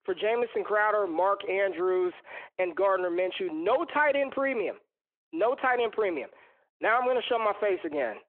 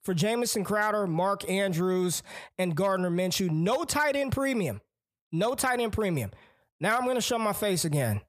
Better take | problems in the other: second | phone-call audio

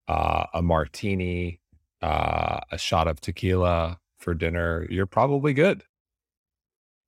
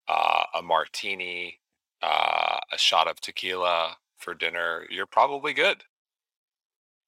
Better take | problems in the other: first | thin; very; fading below 750 Hz

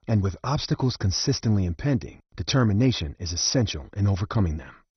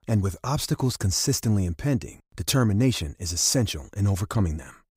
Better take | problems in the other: second | garbled, watery; badly; nothing above 6 kHz

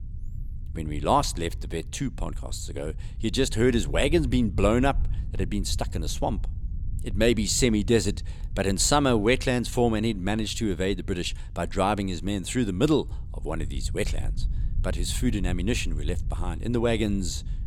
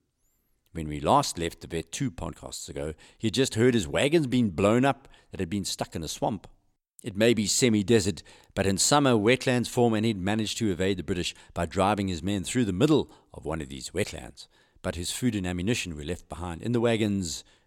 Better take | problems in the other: second | low rumble; faint; throughout; 25 dB below the speech

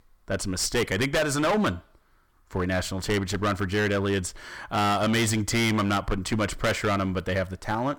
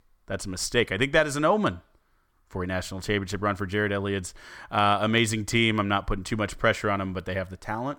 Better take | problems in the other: second | distortion; heavy; 14% of the sound clipped

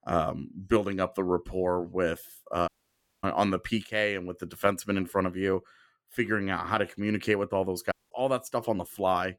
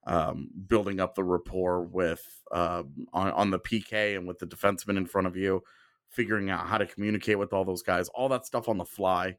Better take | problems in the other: second | audio cutting out; at 2.5 s for 0.5 s and at 8 s

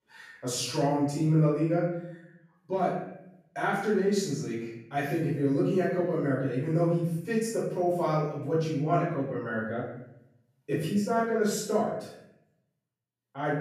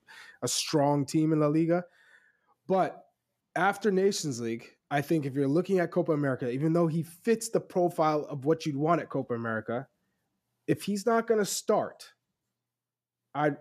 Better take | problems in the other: second | room echo; noticeable; dies away in 0.7 s // off-mic speech; far

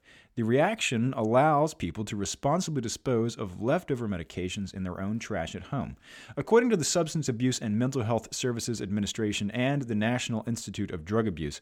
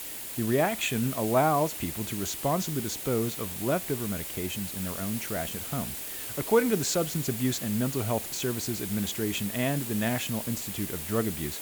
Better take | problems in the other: first | hiss; loud; throughout; 5 dB below the speech

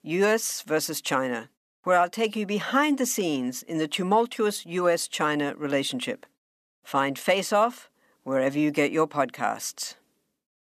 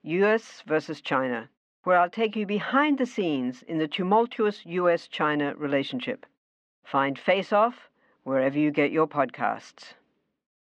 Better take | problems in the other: first | muffled; very; fading above 3 kHz

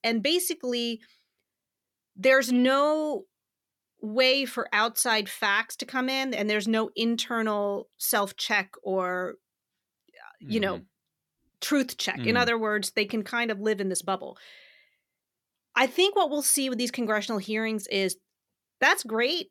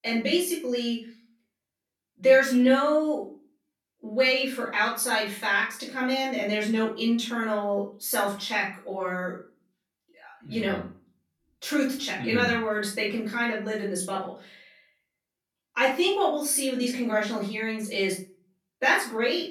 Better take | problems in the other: first | off-mic speech; far // room echo; noticeable; dies away in 0.3 s

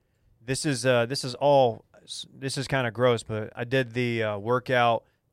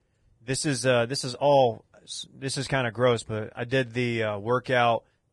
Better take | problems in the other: first | garbled, watery; badly

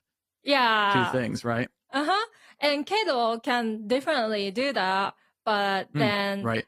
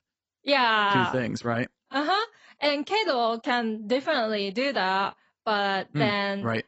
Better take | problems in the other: first | garbled, watery; badly; nothing above 7.5 kHz; slightly in the first

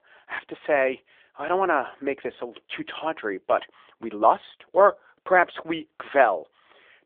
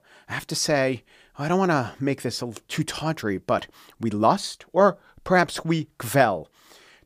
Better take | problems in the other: second | phone-call audio

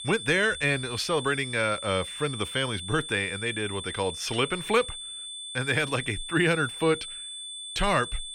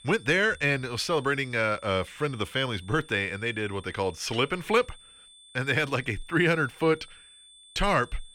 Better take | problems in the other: second | high-pitched whine; loud; throughout; 3.5 kHz, 8 dB below the speech; faint in the second

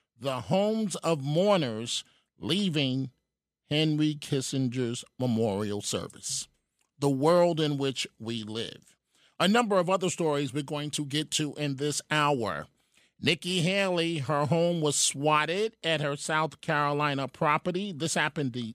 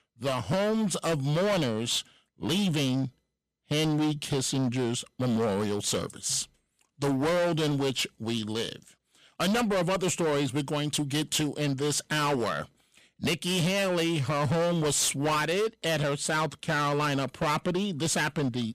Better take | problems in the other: first | distortion; heavy; 20% of the sound clipped

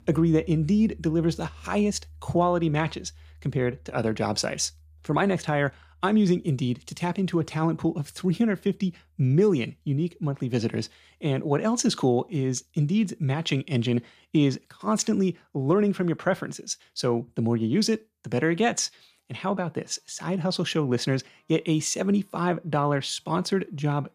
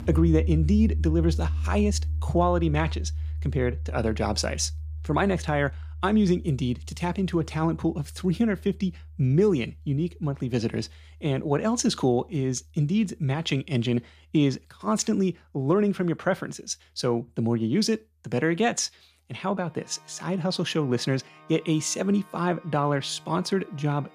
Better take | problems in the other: first | background music; loud; throughout; 6 dB below the speech; faint in the first

